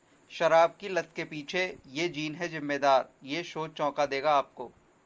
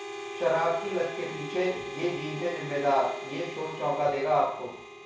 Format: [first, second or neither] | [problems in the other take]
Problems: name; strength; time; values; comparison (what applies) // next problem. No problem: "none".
first | background sound (Harmonica); 9 dB below the speech // room echo; dies away in 0.6 s